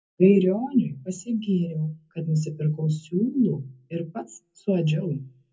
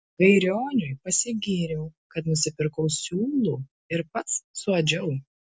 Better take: second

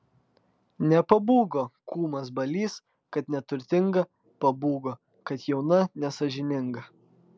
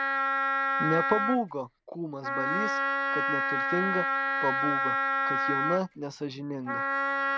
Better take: first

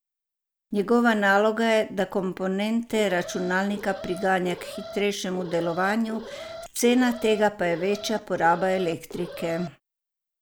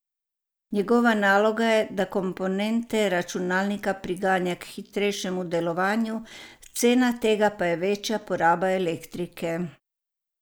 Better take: second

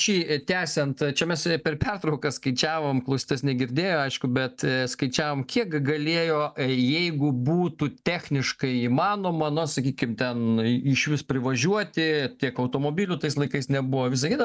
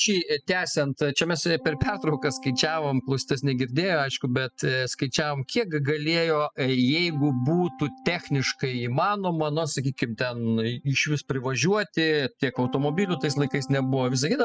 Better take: first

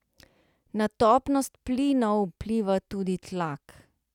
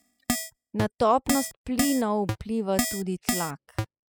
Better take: first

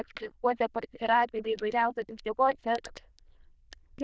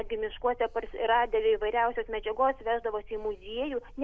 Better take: second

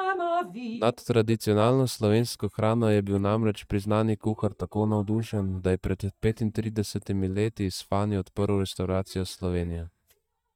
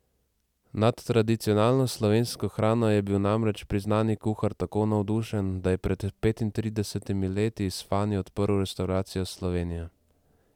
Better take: second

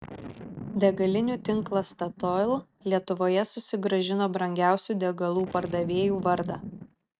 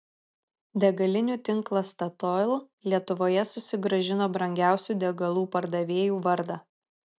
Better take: second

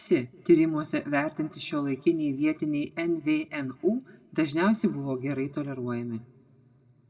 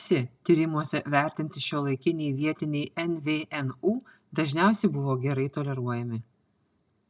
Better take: second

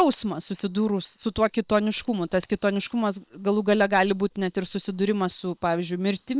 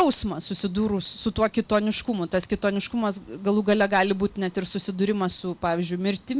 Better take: second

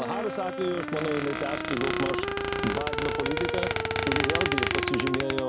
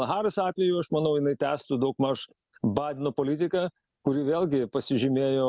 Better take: second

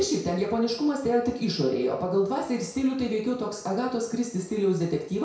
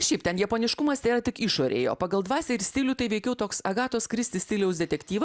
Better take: second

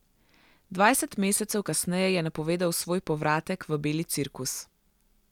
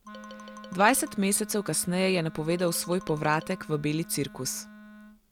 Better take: first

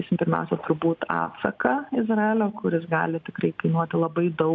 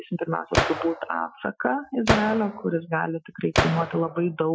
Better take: first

